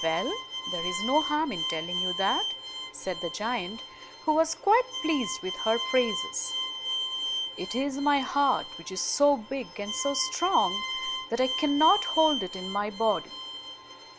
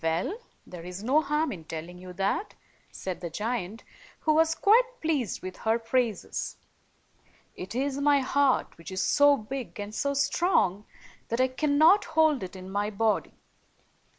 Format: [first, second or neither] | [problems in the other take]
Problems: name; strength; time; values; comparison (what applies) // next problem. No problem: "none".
second | background sound (Bowed string instrument); 6 dB below the speech